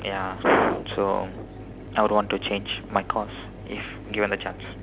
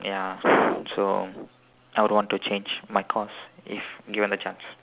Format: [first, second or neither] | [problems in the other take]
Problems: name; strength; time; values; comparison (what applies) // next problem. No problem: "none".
second | background sound (Mechanisms); 12 dB below the speech